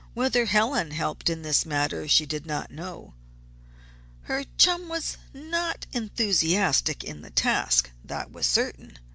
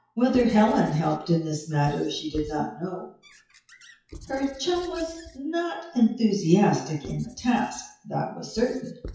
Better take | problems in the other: first | noise reduction (classical method WPE with log-MMSE)

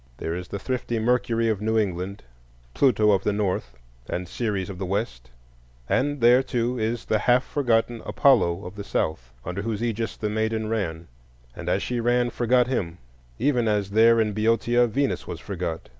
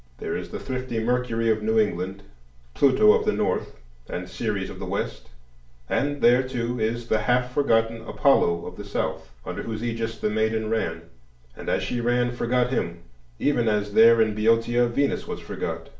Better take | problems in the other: first | room echo; dies away in 0.4 s

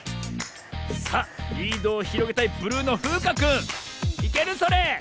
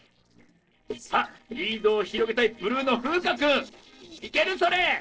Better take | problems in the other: first | noise reduction (neural separator model SepFormer DNS4)

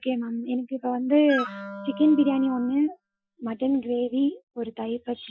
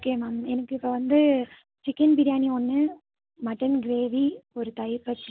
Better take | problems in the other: second | noise reduction (classical method Wiener filter)

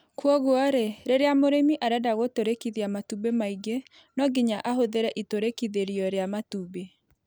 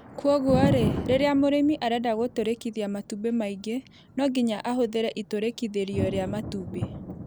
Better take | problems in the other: first | background sound (Thunder); 7 dB below the speech

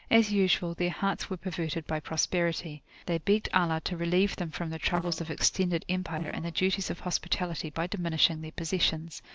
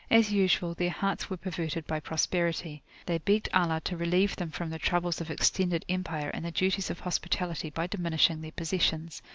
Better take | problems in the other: second | noise reduction (neural separator model SepFormer DNS4)

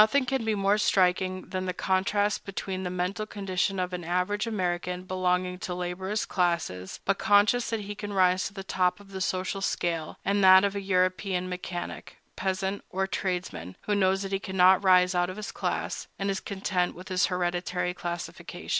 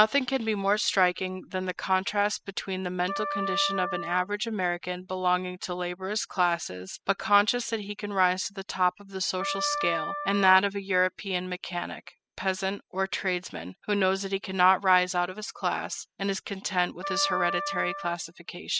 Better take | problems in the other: first | noise reduction (classical method spectral subtraction)

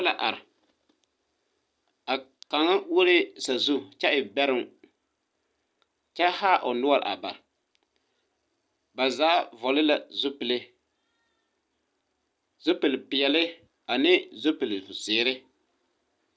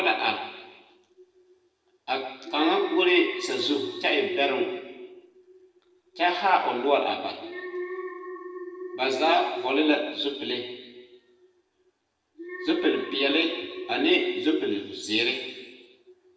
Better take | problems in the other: first | background sound (Alarm); 11 dB below the speech // room echo; dies away in 1.3 s

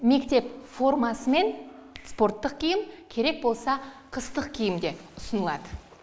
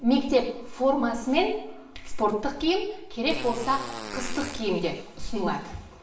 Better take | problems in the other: first | background sound (Fart); 12 dB below the speech // room echo; dies away in 0.7 s

